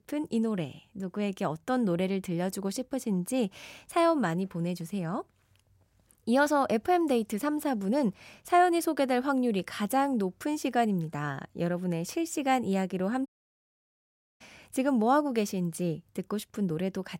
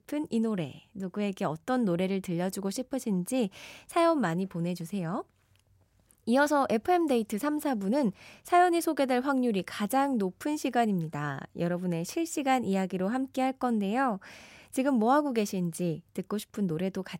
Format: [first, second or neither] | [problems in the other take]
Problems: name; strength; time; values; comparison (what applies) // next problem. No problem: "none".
second | audio cutting out; at 13 s for 1 s